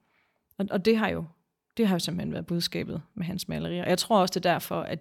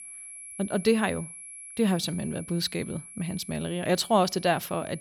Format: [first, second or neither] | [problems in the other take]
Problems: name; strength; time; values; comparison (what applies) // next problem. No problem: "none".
first | high-pitched whine; noticeable; throughout; 11 kHz, 15 dB below the speech